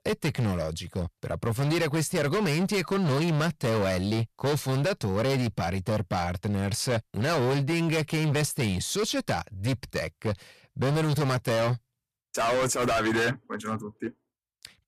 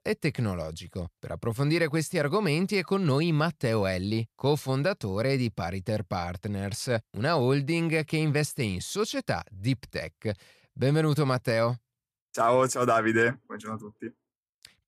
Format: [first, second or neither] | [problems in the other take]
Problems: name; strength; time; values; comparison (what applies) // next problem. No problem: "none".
second | distortion; heavy; 22% of the sound clipped